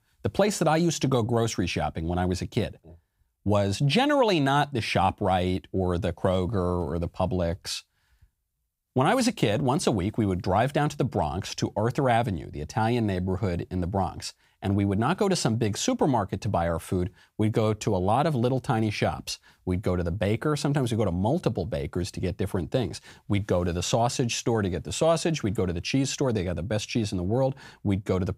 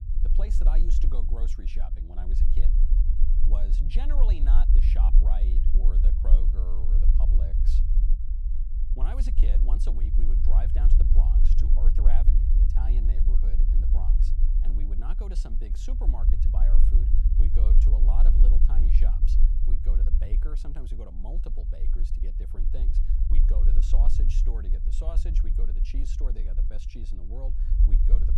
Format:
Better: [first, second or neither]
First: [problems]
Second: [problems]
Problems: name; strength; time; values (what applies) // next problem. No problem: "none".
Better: first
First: none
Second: low rumble; loud; throughout; 2 dB below the speech